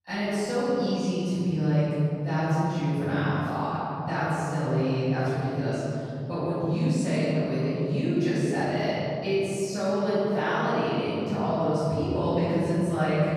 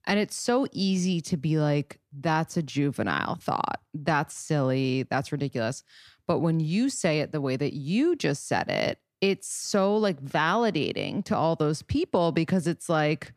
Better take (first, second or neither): second